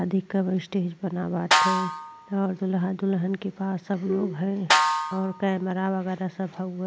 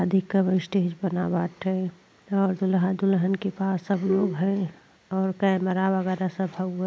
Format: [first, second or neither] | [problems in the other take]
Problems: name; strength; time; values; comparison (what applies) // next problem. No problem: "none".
second | background sound (Snare drum); as loud as the speech